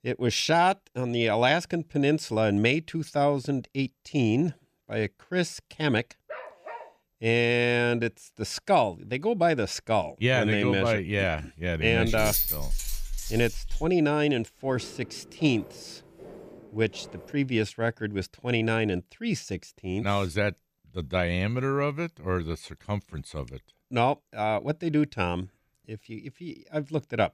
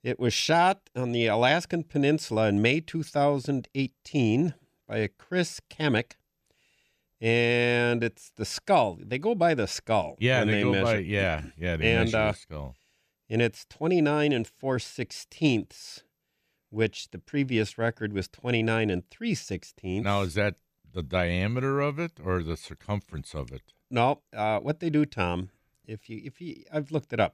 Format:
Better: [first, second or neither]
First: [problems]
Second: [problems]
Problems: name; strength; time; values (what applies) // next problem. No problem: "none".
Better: second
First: dog barking; faint; at 6.5 s; peak 15 dB below the speech // jangling keys; loud; from 12 to 14 s; peak 2 dB above the speech // footsteps; faint; from 15 to 17 s; peak 20 dB below the speech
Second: none